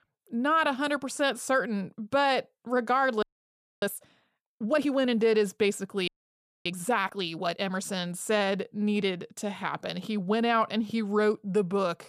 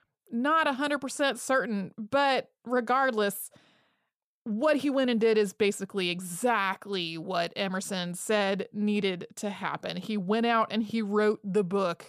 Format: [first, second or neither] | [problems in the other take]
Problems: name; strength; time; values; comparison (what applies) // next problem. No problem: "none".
second | audio freezing; at 3 s for 0.5 s and at 6 s for 0.5 s